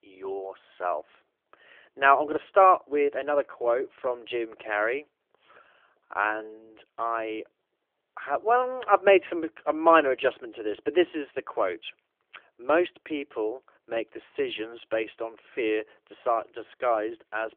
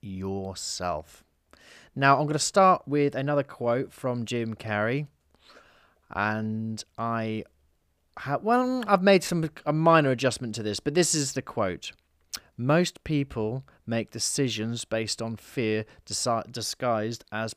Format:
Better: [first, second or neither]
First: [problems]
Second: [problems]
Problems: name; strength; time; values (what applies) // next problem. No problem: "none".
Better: second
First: phone-call audio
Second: none